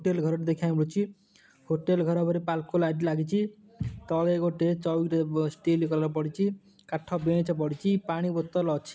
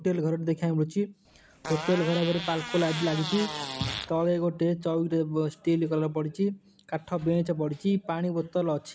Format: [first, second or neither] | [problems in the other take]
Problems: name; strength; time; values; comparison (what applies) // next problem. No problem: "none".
first | background sound (Fart); 8 dB below the speech